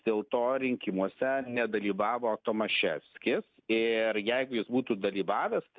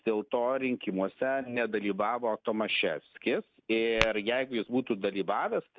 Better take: first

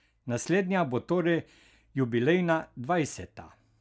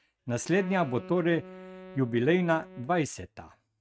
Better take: first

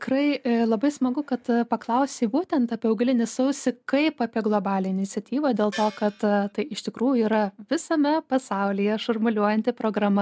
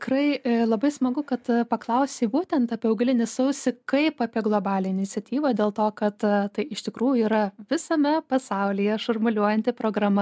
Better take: second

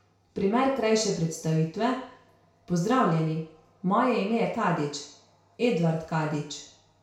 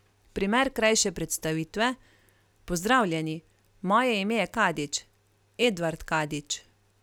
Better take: second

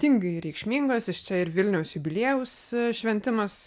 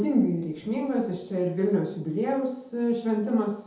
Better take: first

